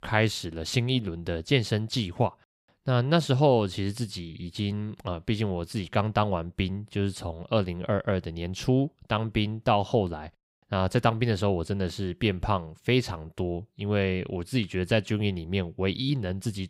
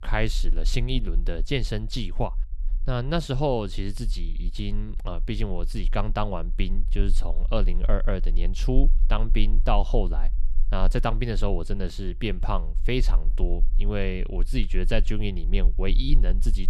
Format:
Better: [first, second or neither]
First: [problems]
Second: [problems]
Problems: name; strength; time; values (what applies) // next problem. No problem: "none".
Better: first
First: none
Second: low rumble; faint; throughout; 25 dB below the speech